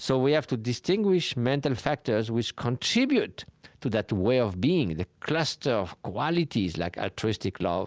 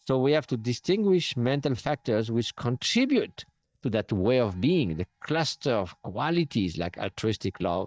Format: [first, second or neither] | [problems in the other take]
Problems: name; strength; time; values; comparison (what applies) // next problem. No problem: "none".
first | noise reduction (neural mask model DeepFilterNet 3)